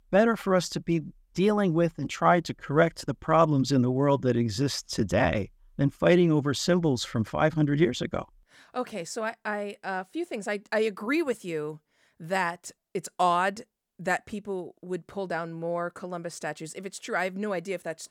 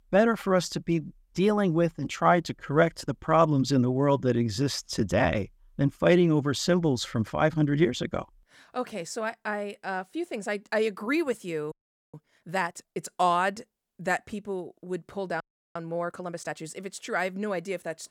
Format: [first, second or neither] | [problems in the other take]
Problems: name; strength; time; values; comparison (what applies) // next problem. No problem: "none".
first | audio freezing; at 12 s and at 15 s